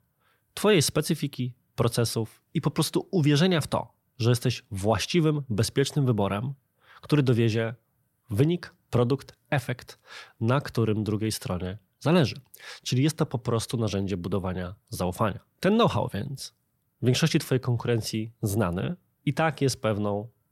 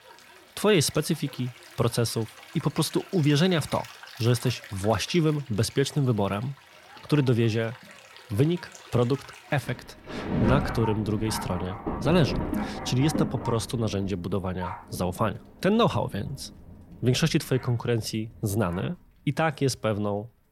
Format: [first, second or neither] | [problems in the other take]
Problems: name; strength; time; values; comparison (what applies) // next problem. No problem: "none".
first | rain or running water; loud; throughout; 10 dB below the speech